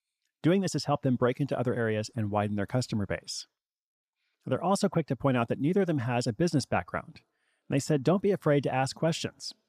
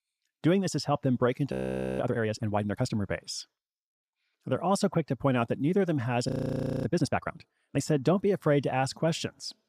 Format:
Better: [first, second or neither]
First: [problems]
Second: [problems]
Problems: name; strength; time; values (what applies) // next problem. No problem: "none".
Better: first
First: none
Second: audio freezing; at 1.5 s and at 6.5 s for 0.5 s